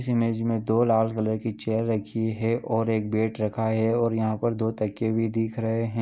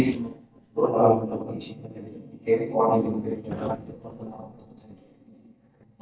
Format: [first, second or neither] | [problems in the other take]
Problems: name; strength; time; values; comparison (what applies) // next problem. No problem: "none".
first | noise reduction (neural mask model DeepFilterNet 3)